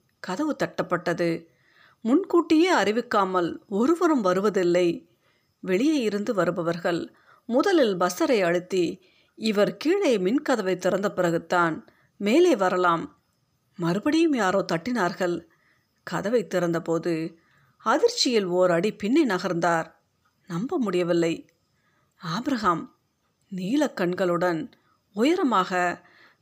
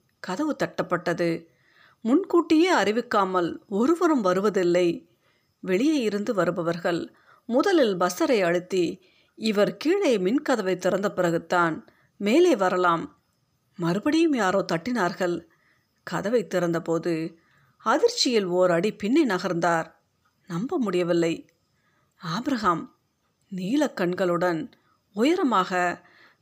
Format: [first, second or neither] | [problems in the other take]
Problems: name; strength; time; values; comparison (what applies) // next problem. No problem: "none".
neither | none